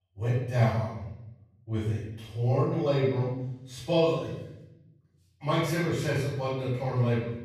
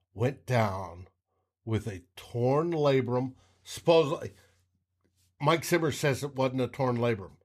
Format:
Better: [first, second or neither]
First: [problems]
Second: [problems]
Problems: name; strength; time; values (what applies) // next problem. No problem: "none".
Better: second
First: off-mic speech; far // room echo; strong; dies away in 0.9 s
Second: none